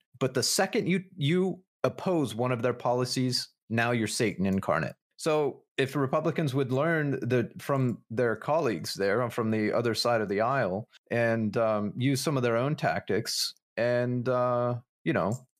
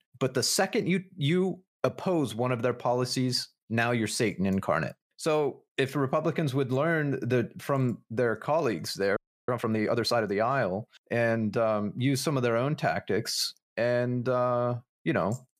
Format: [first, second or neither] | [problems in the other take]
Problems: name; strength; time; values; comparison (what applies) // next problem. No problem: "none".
first | audio freezing; at 9 s